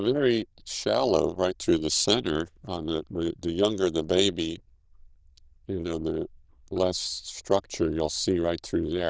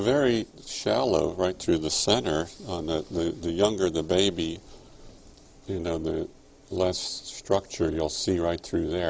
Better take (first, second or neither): second